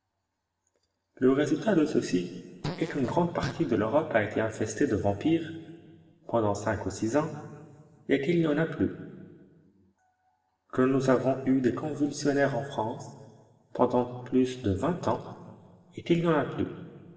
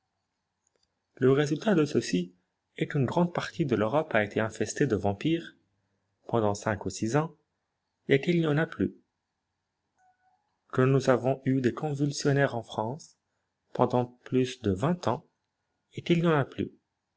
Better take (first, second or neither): second